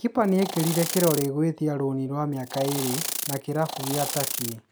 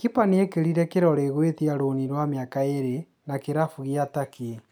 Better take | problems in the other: second | background sound (Insect); 6 dB below the speech

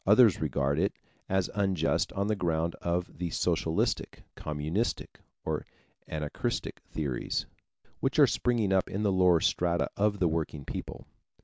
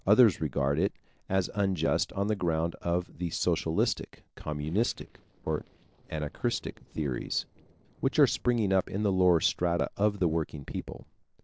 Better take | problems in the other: first | noise reduction (neural separator model SepFormer DNS4)

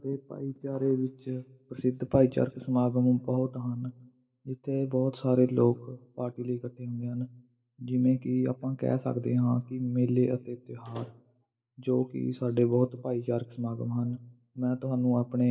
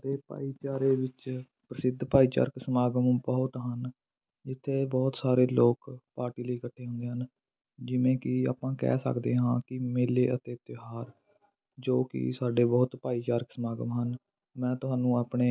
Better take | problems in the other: second | noise reduction (neural mask model DeepFilterNet 3)

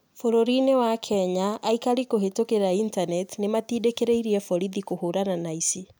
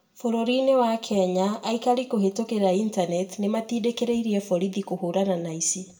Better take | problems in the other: first | room echo; dies away in 0.4 s

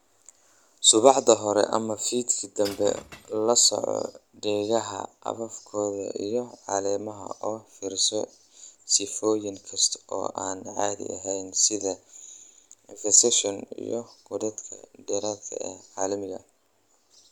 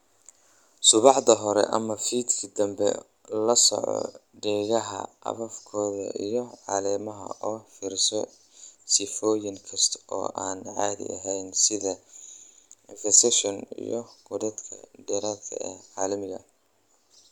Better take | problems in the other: second | background sound (Shatter / Crushing); 20 dB below the speech

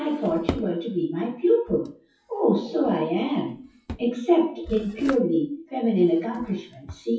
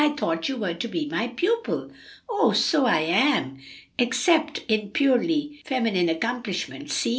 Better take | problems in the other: second | noise reduction (classical method WPE with log-MMSE)

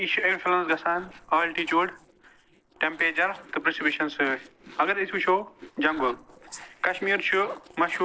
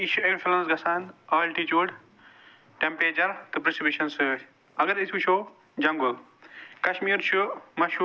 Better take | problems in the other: second | noise reduction (neural separator model SepFormer DNS4)

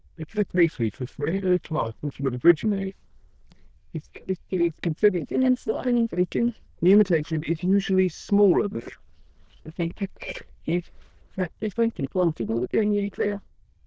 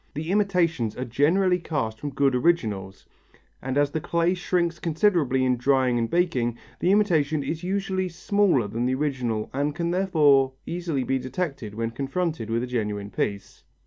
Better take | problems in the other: second | noise reduction (neural diffusion model UNIVERSE++)

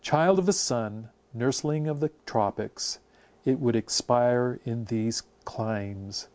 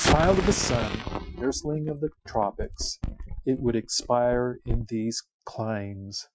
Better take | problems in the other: first | noise reduction (classical method Wiener filter)

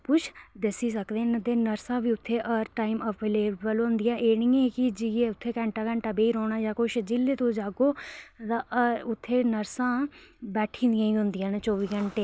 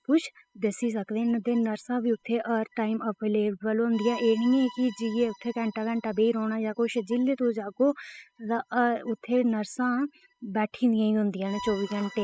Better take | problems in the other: first | noise reduction (classical method spectral subtraction)

